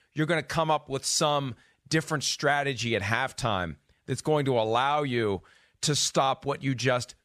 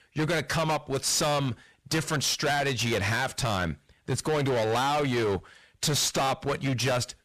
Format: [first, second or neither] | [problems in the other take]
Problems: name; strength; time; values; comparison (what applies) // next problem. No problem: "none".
first | distortion; heavy; 25% of the sound clipped